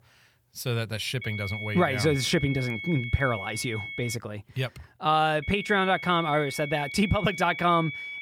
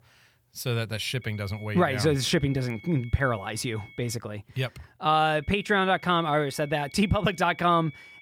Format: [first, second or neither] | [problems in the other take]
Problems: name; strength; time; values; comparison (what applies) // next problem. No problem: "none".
second | high-pitched whine; loud; from 1 to 4 s and from 5.5 s on; 2 kHz, 8 dB below the speech; faint in the second